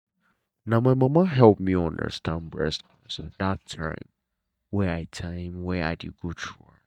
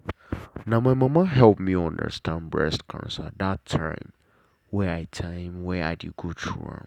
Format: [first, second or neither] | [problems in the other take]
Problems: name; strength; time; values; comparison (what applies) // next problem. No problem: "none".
second | noise reduction (neural mask model DeepFilterNet 3)